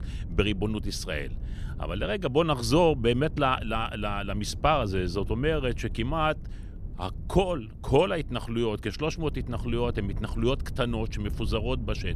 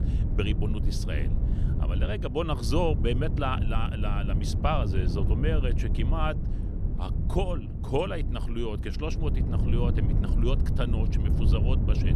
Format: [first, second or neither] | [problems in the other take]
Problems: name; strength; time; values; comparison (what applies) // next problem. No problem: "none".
first | low rumble; loud; throughout; 8 dB below the speech; faint in the first